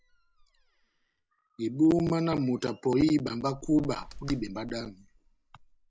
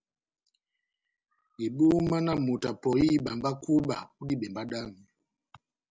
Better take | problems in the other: second | background sound (Slam); 19 dB below the speech

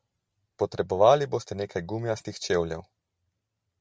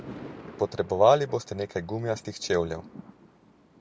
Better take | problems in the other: first | background sound (Thunder); 18 dB below the speech

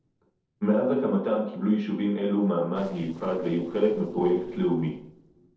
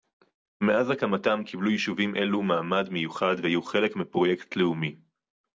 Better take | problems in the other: second | noise reduction (neural separator model SepFormer DNS4)

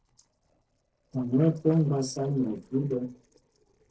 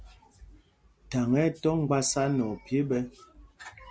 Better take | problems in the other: second | noise reduction (neural separator model SepFormer DNS4)

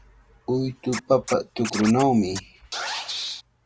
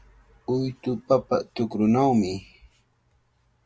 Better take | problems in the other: second | background sound (Scratching (performance technique)); 10 dB below the speech

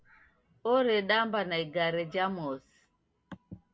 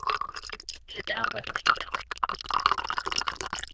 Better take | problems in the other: first | noise reduction (neural diffusion model UNIVERSE++)

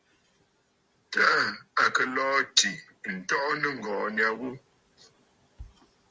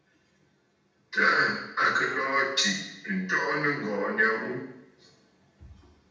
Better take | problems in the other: first | room echo; dies away in 0.8 s

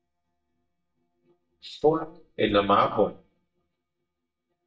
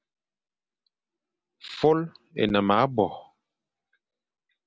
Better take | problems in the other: second | noise reduction (neural mask model DeepFilterNet 3)

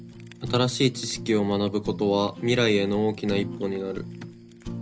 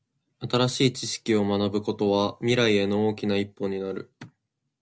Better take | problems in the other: second | background sound (Fire); 12 dB below the speech

